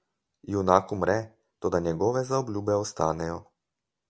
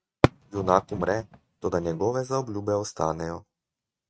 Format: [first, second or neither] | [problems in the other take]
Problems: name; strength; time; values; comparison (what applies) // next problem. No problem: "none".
first | noise reduction (neural mask model RNNoise)